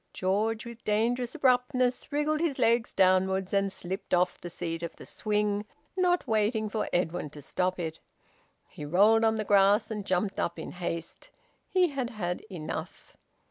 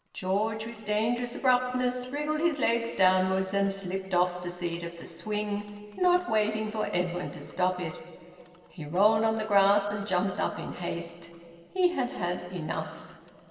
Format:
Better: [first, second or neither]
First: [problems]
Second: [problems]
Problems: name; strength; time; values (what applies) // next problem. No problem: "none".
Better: first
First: none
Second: noise reduction (neural separator model SepFormer DNS4)